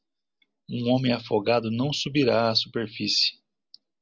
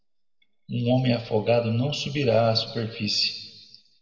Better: first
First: none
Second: room echo; dies away in 1.2 s

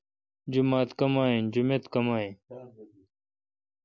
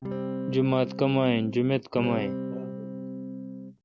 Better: first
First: none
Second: background sound (Electric guitar / Strum); 6 dB below the speech

